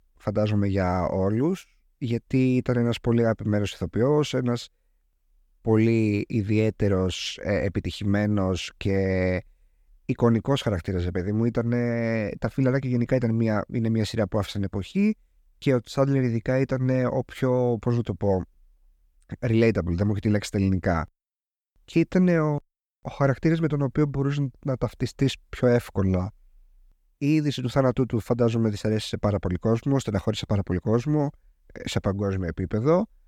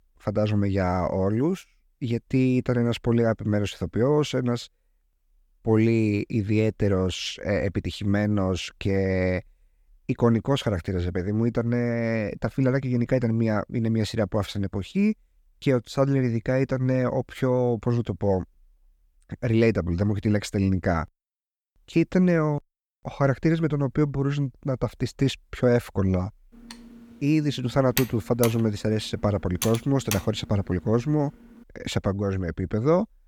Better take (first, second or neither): first